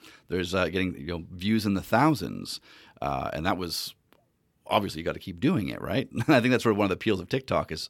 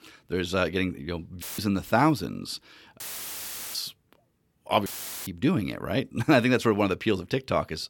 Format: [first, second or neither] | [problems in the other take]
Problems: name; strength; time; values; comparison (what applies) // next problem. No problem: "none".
first | audio cutting out; filled with static; at 1.5 s, at 3 s for 1 s and at 5 s